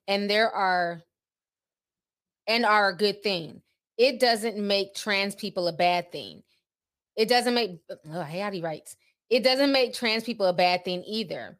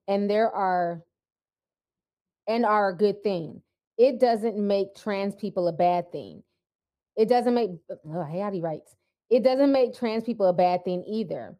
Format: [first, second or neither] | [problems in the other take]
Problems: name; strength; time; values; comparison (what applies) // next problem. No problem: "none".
first | muffled; very; fading above 1 kHz